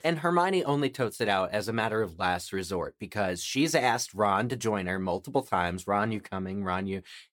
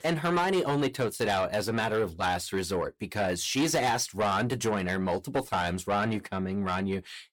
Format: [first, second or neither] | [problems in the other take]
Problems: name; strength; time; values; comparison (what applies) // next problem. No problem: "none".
first | distortion; heavy; 8 dB below the speech